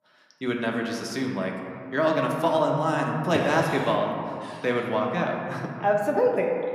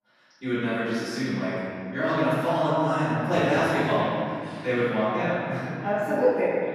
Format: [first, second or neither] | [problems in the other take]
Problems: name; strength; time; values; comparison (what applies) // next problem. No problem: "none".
first | room echo; strong; dies away in 2.6 s; slight in the first // off-mic speech; far